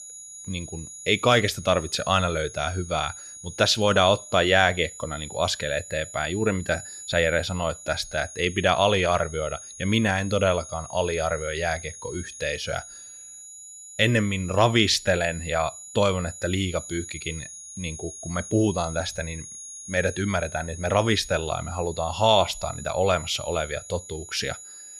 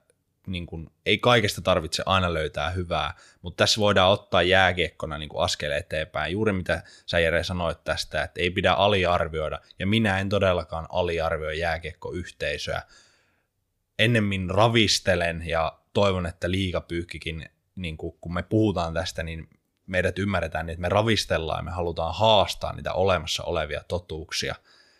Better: second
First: high-pitched whine; noticeable; throughout; 6.5 kHz, 15 dB below the speech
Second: none

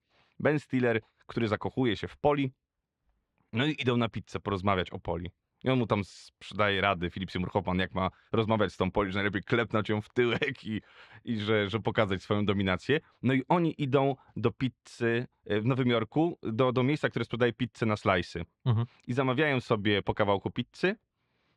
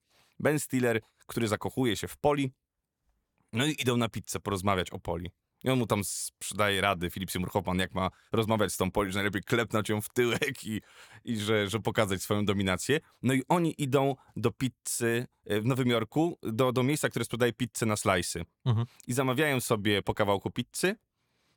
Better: second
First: muffled; slightly; fading above 3.5 kHz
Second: none

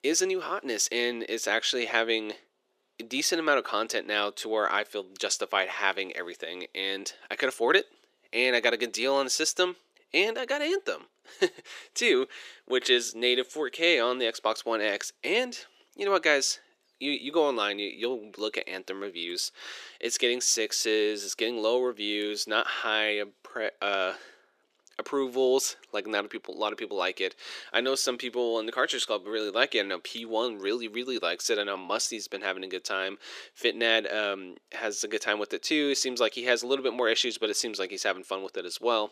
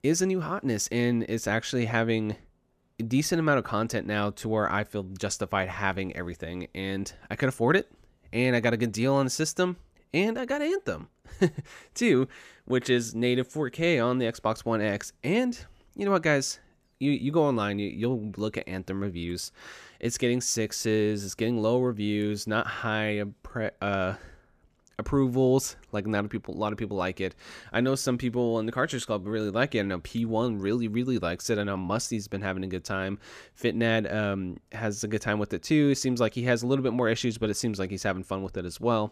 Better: second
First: thin; somewhat; fading below 350 Hz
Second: none

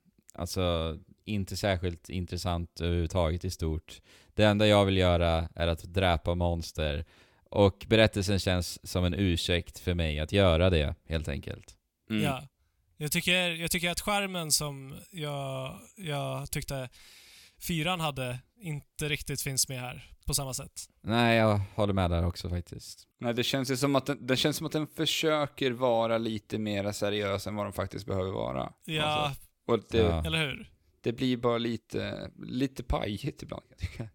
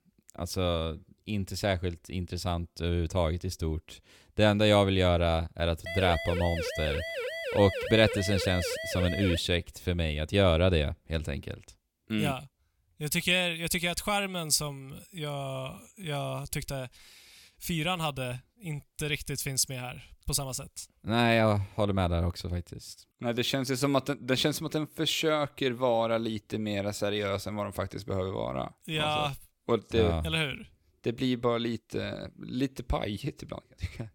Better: first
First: none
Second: siren; noticeable; from 6 to 9.5 s; peak 4 dB below the speech

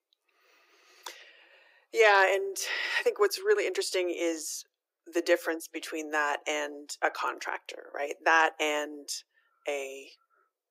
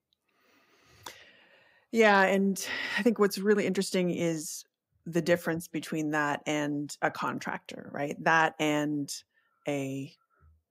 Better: second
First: thin; very; fading below 350 Hz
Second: none

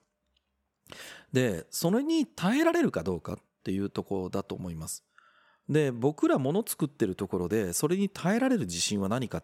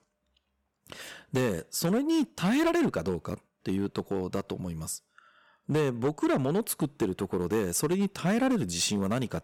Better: first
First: none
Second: distortion; slight; 7% of the sound clipped

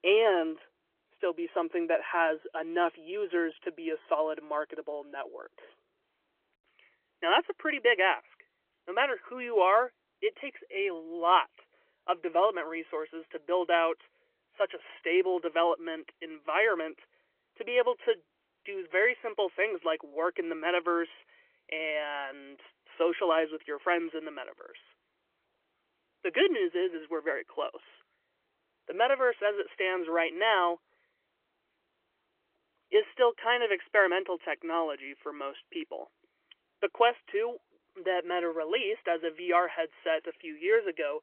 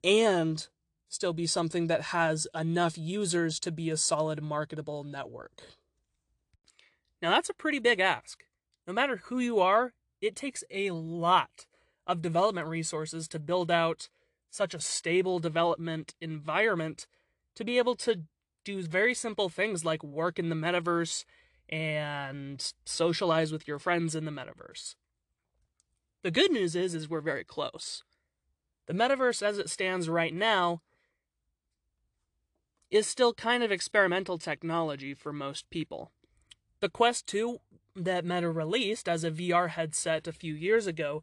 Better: second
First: phone-call audio; nothing above 3 kHz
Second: none

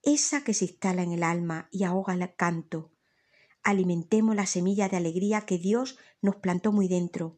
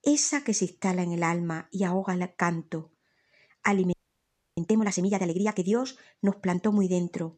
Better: first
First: none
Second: audio freezing; at 4 s for 0.5 s

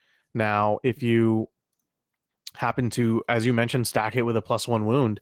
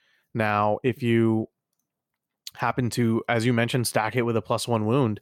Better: second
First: garbled, watery; slightly; nothing above 17 kHz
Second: none

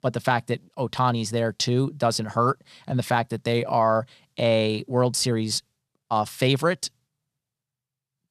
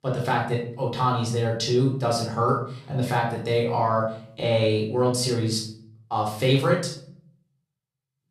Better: first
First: none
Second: off-mic speech; far // room echo; noticeable; dies away in 0.5 s

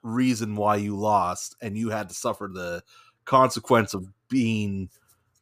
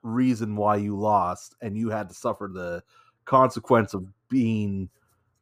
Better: first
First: none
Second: muffled; slightly; fading above 2 kHz

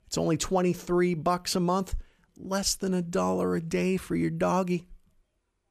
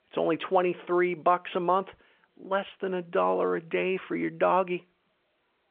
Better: first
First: none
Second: phone-call audio

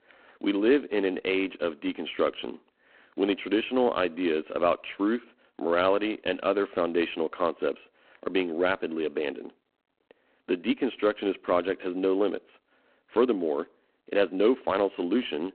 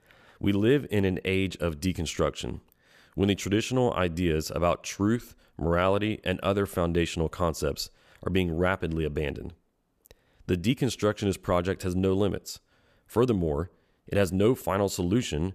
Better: second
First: phone-call audio; poor line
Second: none

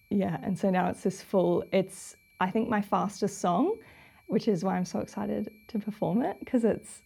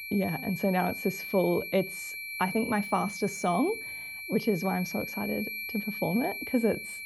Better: first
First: high-pitched whine; faint; throughout; 2.5 kHz, 30 dB below the speech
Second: high-pitched whine; loud; throughout; 2.5 kHz, 6 dB below the speech

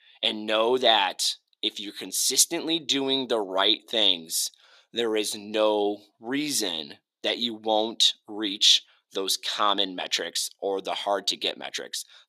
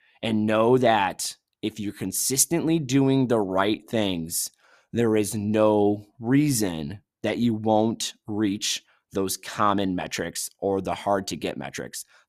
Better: second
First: thin; somewhat; fading below 450 Hz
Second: none

